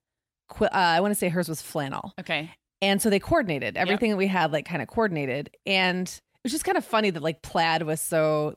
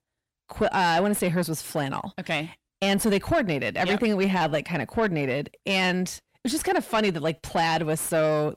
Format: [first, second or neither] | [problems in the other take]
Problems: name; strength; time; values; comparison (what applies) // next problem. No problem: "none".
first | distortion; slight; 10 dB below the speech